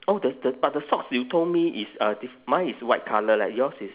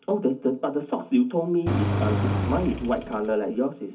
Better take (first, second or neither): first